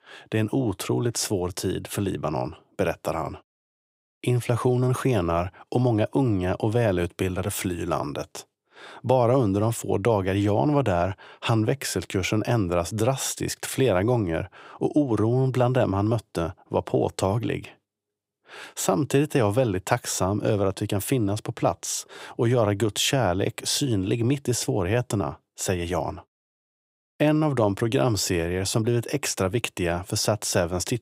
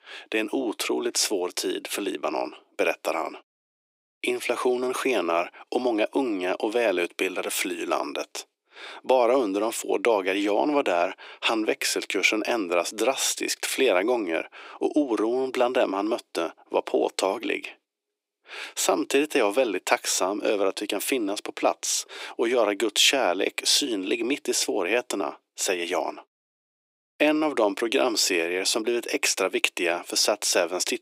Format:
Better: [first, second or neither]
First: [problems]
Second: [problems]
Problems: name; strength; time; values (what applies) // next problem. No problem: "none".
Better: first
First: none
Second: thin; somewhat; fading below 300 Hz